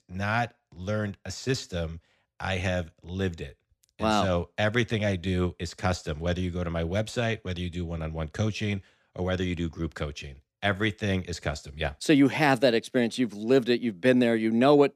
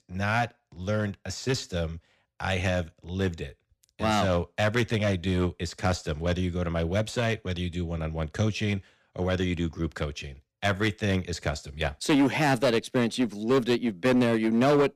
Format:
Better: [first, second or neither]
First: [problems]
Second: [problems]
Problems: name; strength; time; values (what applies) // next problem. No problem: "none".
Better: first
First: none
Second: distortion; slight; 5% of the sound clipped